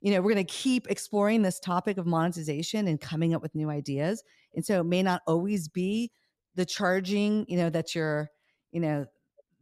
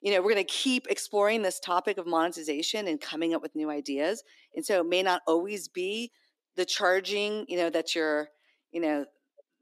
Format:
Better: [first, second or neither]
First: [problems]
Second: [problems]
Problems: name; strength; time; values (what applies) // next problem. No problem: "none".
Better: first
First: none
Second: thin; somewhat; fading below 300 Hz